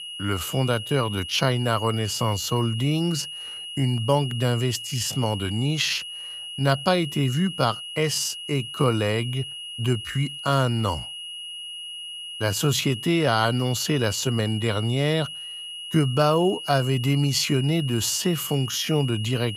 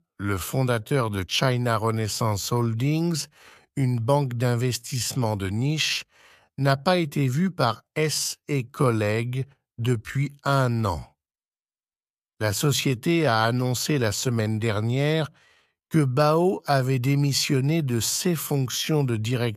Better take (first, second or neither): second